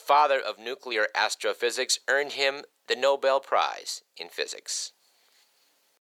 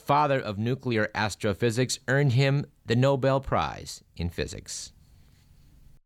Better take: second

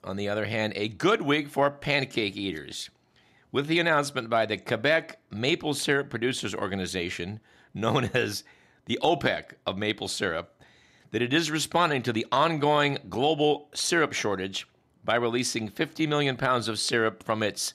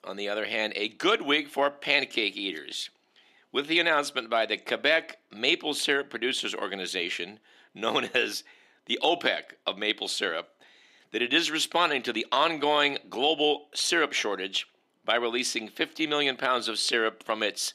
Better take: first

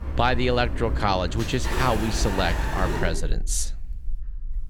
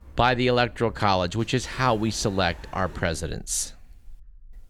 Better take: second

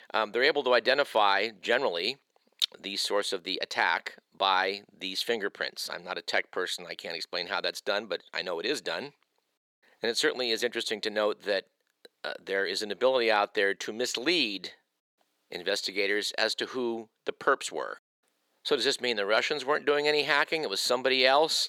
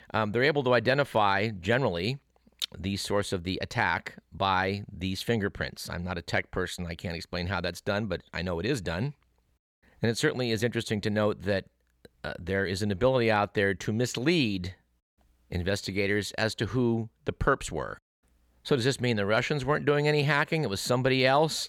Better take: second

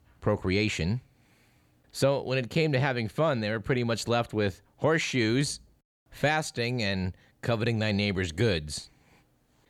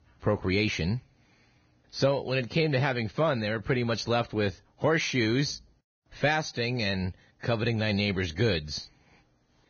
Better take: first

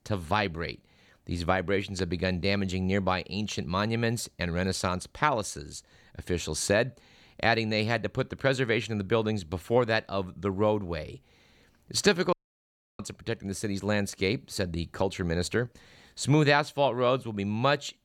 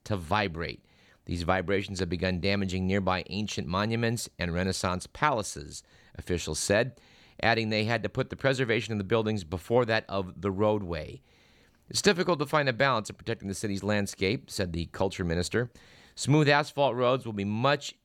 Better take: second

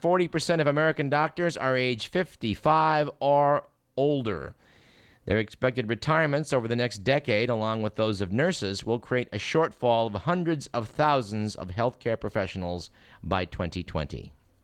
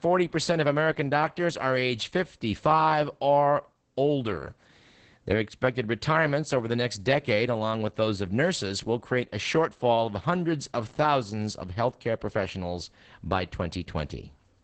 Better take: first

